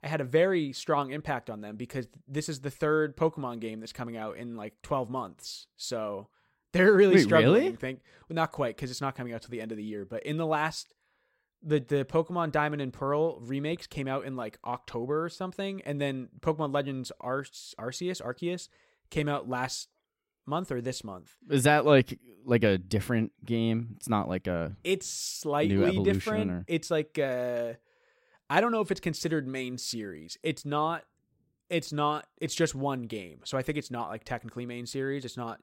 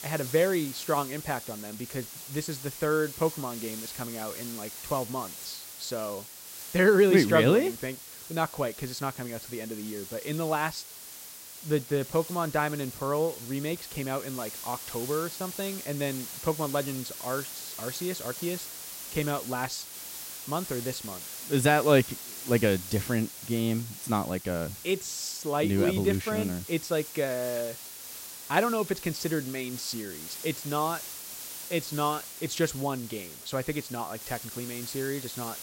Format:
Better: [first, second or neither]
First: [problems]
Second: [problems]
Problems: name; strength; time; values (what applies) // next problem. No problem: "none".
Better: first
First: none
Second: hiss; loud; throughout; 9 dB below the speech